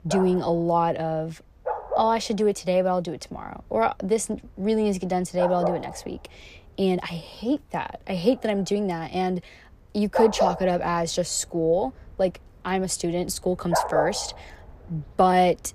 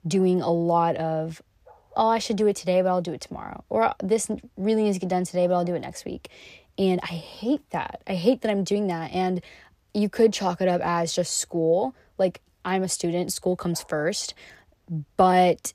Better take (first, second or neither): second